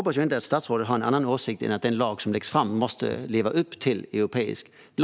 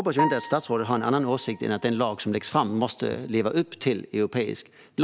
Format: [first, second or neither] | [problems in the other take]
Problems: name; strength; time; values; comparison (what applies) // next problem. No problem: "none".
first | background sound (Piano); 10 dB below the speech